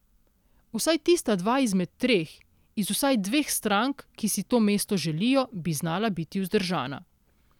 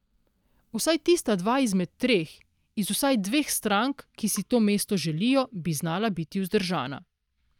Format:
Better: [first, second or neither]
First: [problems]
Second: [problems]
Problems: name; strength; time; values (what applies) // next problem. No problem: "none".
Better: first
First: none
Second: noise reduction (neural mask model DeepFilterNet 3)